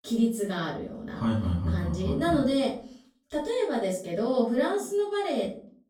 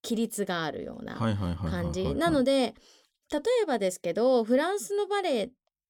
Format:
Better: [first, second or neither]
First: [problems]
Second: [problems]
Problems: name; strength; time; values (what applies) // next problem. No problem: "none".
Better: second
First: off-mic speech; far // room echo; slight; dies away in 0.4 s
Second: none